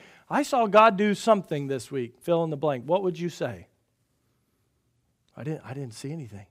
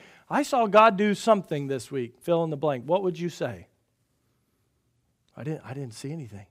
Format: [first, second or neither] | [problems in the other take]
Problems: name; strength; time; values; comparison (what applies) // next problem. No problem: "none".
neither | none